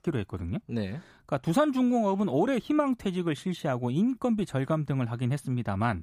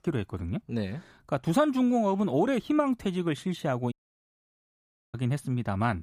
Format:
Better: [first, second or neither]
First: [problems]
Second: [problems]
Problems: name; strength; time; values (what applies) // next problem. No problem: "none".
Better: first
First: none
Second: audio cutting out; at 4 s for 1 s